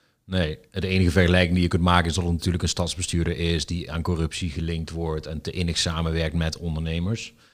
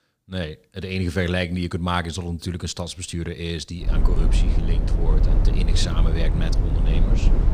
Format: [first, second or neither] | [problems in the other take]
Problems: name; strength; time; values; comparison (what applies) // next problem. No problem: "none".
first | low rumble; loud; from 4 s on; 6 dB below the speech